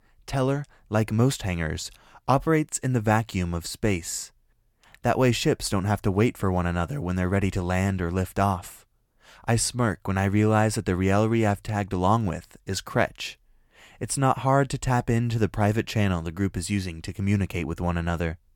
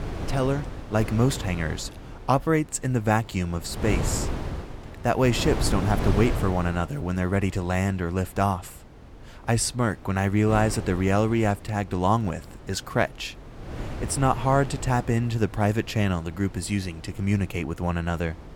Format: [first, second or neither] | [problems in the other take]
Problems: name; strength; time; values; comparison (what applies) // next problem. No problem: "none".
first | wind noise on the microphone; occasional gusts; 10 dB below the speech